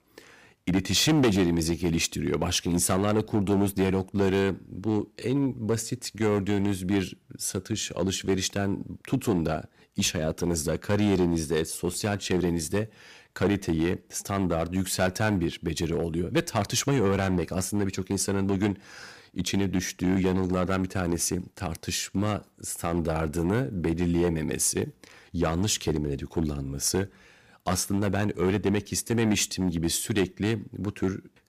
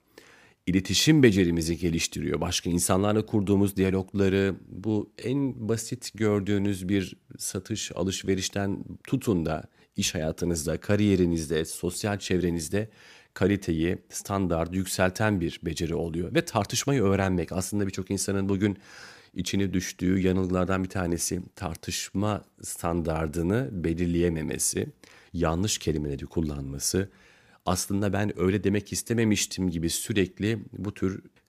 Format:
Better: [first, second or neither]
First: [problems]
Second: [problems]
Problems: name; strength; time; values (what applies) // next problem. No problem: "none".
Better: second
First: distortion; slight; 4% of the sound clipped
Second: none